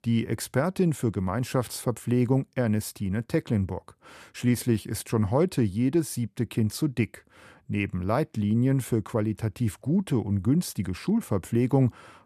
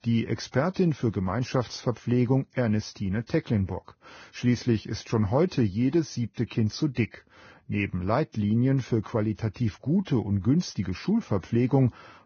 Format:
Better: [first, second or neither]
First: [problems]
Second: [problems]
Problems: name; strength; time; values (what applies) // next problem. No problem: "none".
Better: first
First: none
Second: garbled, watery; badly; nothing above 6.5 kHz